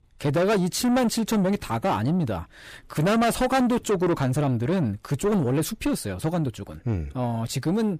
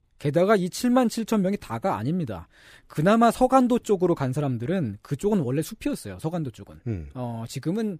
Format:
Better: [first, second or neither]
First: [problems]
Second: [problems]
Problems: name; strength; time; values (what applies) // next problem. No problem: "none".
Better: second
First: distortion; heavy; 7 dB below the speech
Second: none